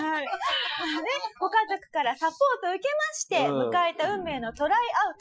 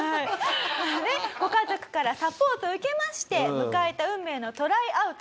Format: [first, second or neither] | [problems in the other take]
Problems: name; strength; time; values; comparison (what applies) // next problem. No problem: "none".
second | noise reduction (classical method Wiener filter)